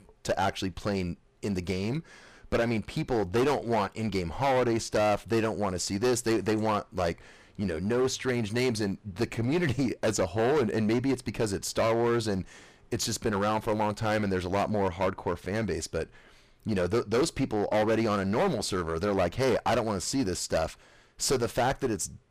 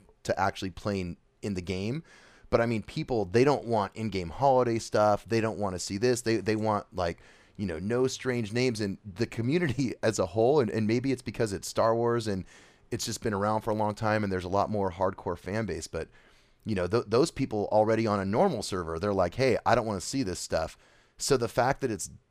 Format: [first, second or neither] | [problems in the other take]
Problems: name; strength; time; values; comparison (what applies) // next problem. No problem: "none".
second | distortion; heavy; 12% of the sound clipped